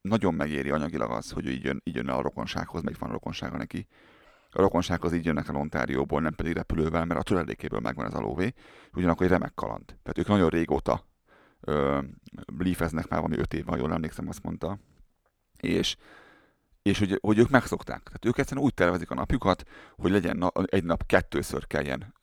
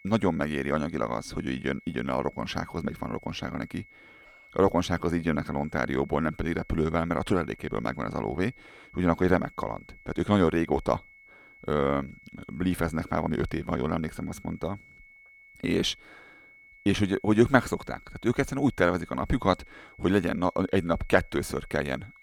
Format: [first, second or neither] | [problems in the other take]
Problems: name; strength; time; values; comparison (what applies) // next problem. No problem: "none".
first | high-pitched whine; faint; throughout; 2 kHz, 25 dB below the speech